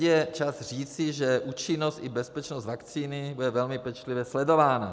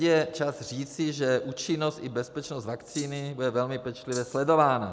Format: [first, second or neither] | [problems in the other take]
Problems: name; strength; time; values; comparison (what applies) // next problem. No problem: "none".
first | background sound (Rattle (instrument)); 15 dB below the speech